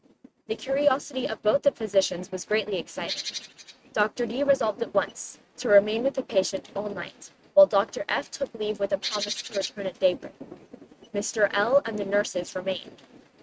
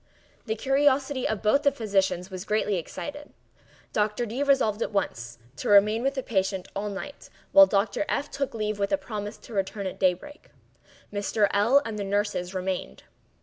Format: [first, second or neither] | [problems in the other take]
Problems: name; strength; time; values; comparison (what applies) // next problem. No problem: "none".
second | noise reduction (neural mask model RNNoise)